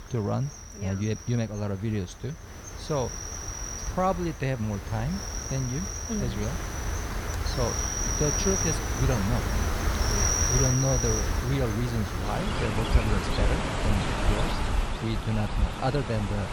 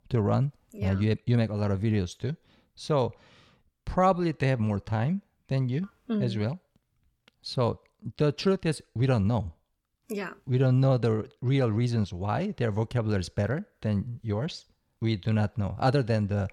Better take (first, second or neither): second